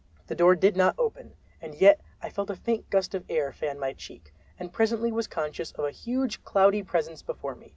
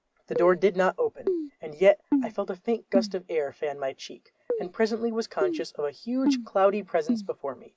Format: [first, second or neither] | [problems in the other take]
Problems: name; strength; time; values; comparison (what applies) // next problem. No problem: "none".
first | noise reduction (neural mask model Resemble Enhance denoiser)